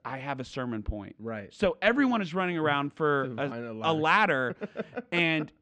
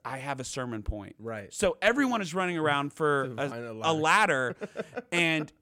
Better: second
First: muffled; slightly; fading above 4 kHz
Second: none

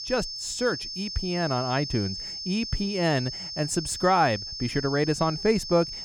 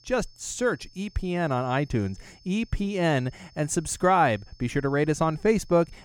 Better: second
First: high-pitched whine; loud; throughout; 5.5 kHz, 6 dB below the speech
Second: high-pitched whine; faint; throughout; 5.5 kHz, 30 dB below the speech

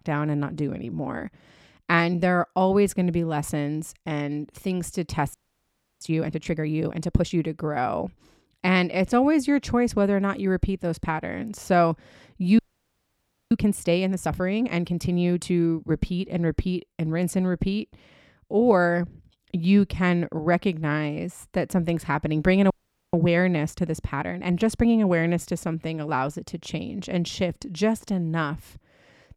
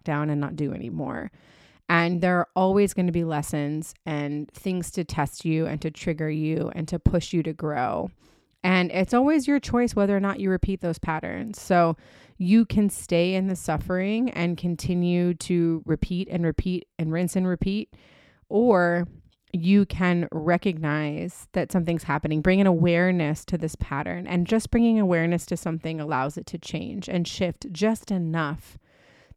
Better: second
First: audio freezing; at 5.5 s for 0.5 s, at 13 s for 1 s and at 23 s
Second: none

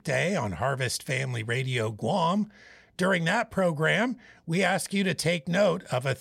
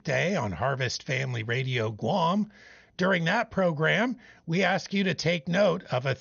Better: first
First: none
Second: garbled, watery; slightly; nothing above 6.5 kHz

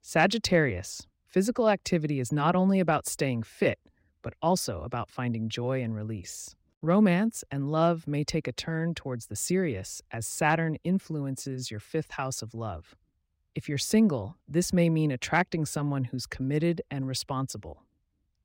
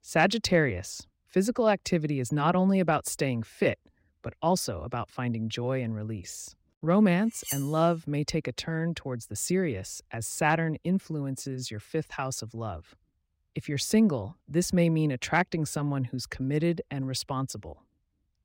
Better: first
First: none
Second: clattering dishes; noticeable; at 7.5 s; peak 6 dB below the speech

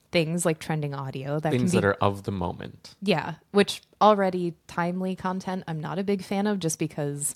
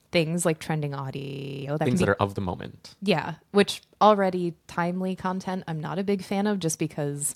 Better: first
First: none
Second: audio freezing; at 1 s

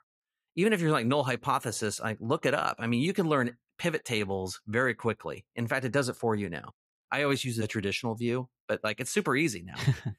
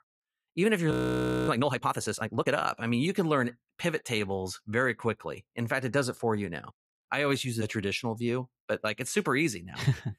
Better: first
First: none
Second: audio freezing; at 1 s for 0.5 s

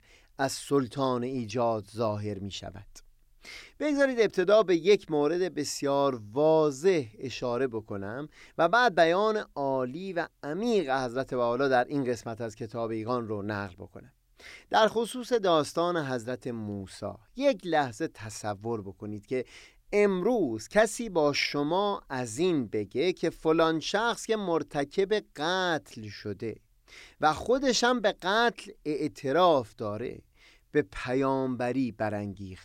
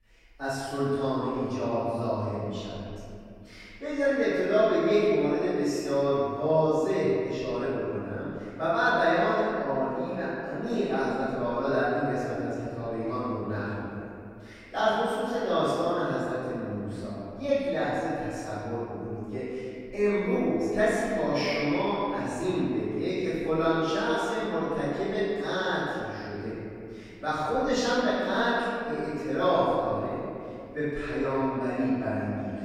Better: first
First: none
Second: off-mic speech; far // room echo; strong; dies away in 2.5 s

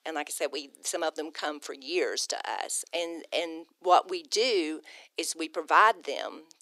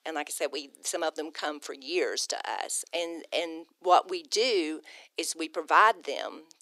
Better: neither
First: thin; very; fading below 350 Hz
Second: thin; very; fading below 350 Hz

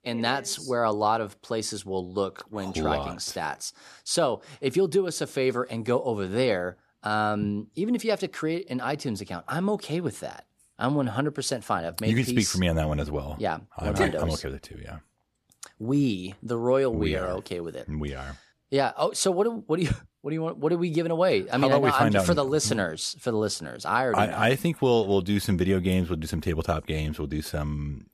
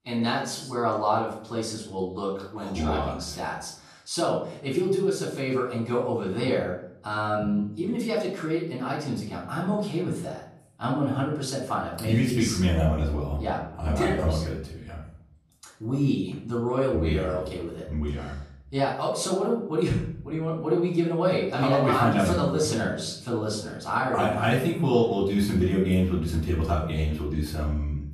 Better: first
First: none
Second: off-mic speech; far // room echo; noticeable; dies away in 0.6 s

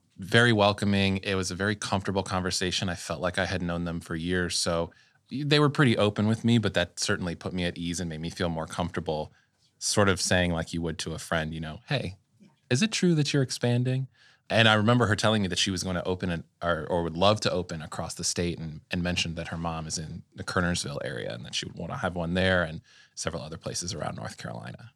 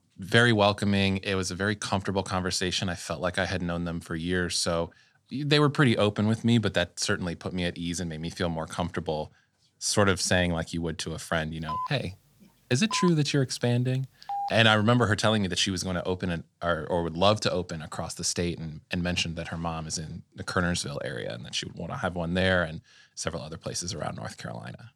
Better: first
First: none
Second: phone ringing; noticeable; from 12 to 14 s; peak 7 dB below the speech

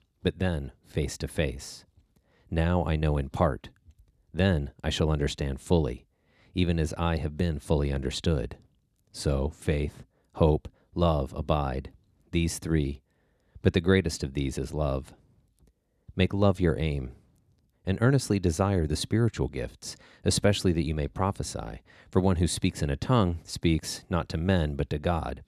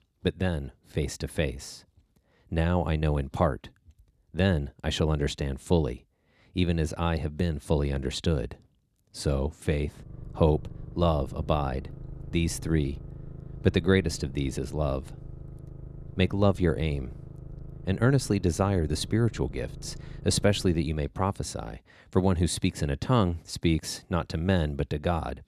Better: first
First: none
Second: low rumble; faint; from 10 to 21 s; 20 dB below the speech

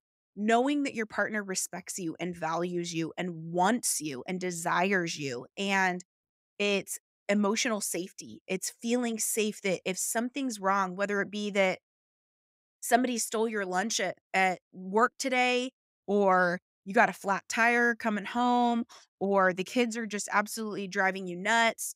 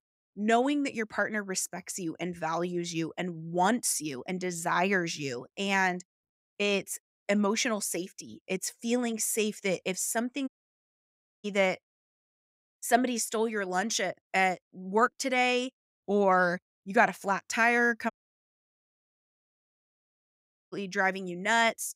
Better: first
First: none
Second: audio cutting out; at 10 s for 1 s and at 18 s for 2.5 s

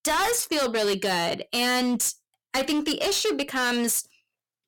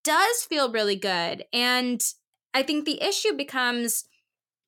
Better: second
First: distortion; heavy; 20% of the sound clipped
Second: none

